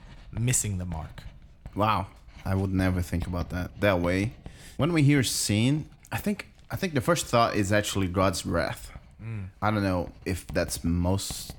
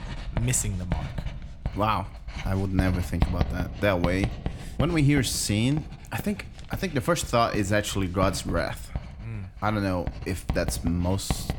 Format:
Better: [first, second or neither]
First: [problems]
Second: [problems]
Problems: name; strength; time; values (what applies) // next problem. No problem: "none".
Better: first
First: household noises; faint; throughout; 20 dB below the speech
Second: household noises; loud; throughout; 8 dB below the speech